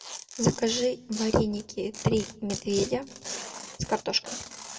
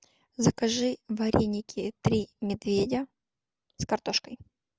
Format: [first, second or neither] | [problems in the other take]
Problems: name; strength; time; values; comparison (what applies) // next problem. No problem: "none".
second | background sound (Tearing); 12 dB below the speech // room echo; dies away in 0.9 s